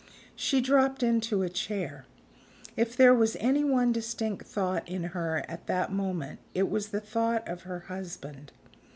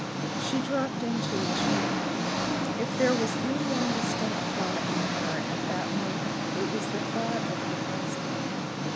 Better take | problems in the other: first | background sound (Engine); 4 dB above the speech

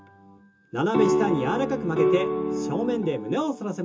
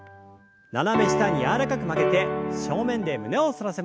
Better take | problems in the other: second | room echo; dies away in 0.2 s

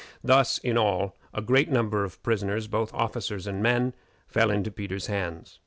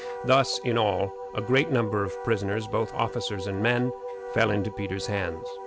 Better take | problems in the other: first | background sound (Wind instrument, woodwind instrument); 9 dB below the speech

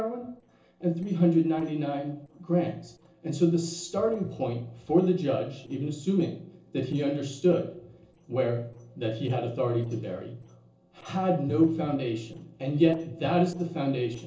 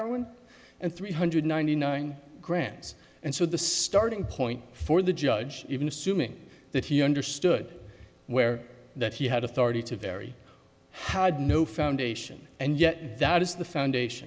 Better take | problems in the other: second | noise reduction (neural separator model SepFormer DNS4)

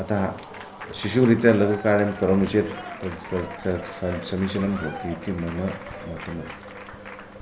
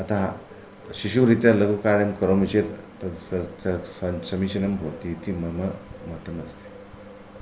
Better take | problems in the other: second | background sound (Applause / Crowd); 15 dB below the speech

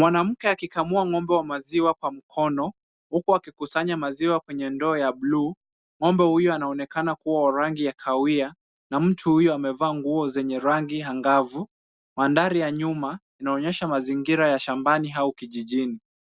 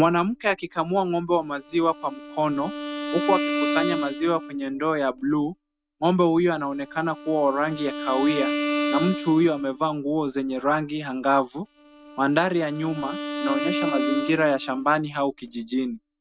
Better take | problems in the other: first | noise reduction (neural mask model RNNoise)

